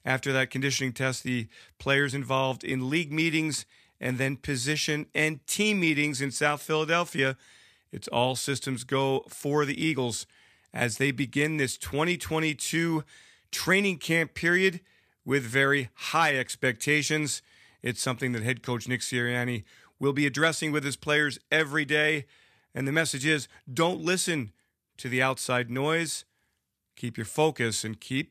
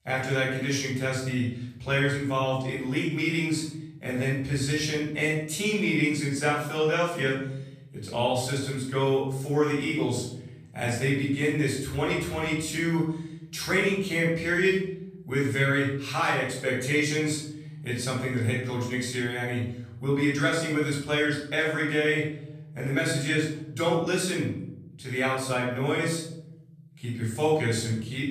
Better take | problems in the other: first | off-mic speech; far // room echo; noticeable; dies away in 1.1 s

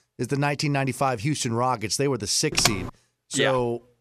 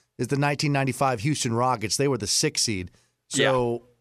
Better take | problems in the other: second | keyboard typing; loud; at 2.5 s; peak 1 dB above the speech

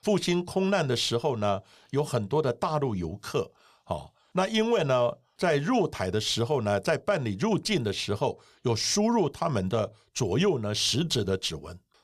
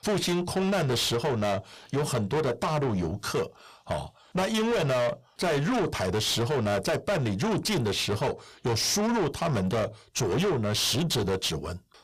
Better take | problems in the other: first | distortion; heavy; 7 dB below the speech

